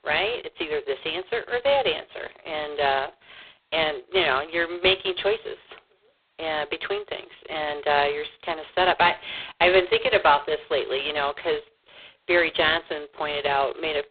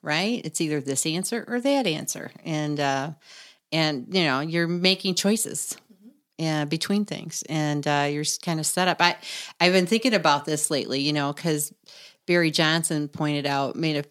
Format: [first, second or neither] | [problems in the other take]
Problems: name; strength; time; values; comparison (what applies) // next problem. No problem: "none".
second | phone-call audio; poor line; nothing above 4 kHz